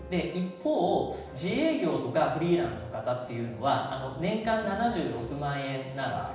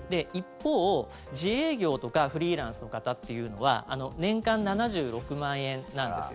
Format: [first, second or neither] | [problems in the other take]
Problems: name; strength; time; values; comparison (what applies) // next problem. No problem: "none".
second | room echo; dies away in 0.9 s